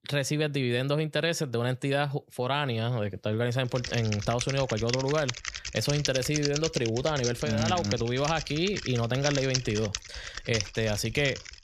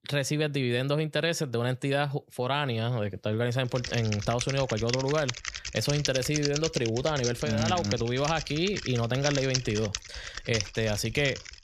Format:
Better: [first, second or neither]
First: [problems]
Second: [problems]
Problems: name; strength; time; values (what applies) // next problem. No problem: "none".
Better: neither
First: keyboard typing; noticeable; from 4 s on; peak 2 dB below the speech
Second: keyboard typing; noticeable; from 4 s on; peak 2 dB below the speech